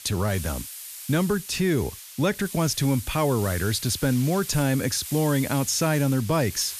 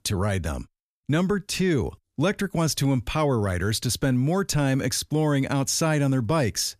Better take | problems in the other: second | hiss; noticeable; throughout; 10 dB below the speech

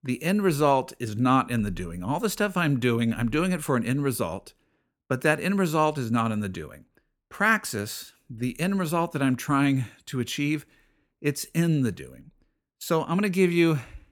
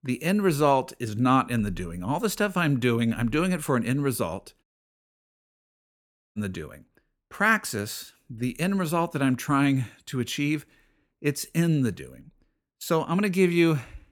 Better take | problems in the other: first | audio cutting out; at 4.5 s for 1.5 s

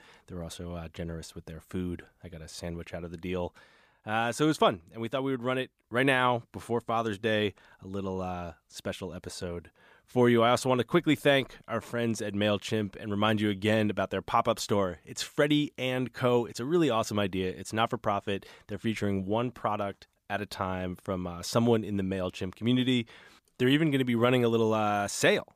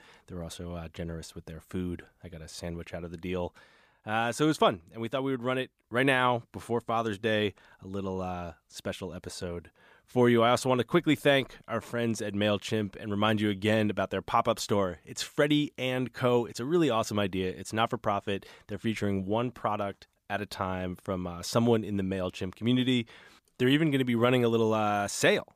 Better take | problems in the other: neither | none

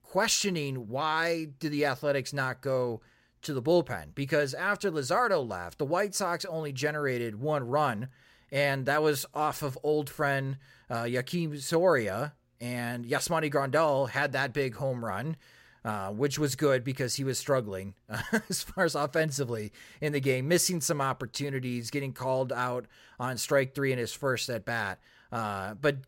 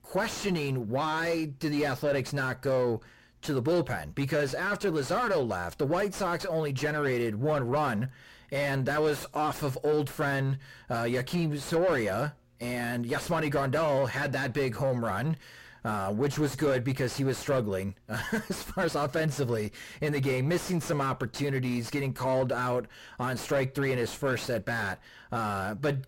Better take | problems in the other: first | distortion; heavy; 6 dB below the speech

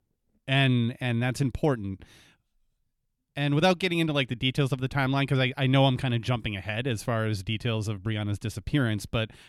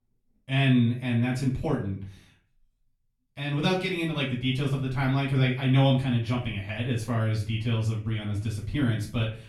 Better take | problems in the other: first | off-mic speech; far // room echo; slight; dies away in 0.4 s

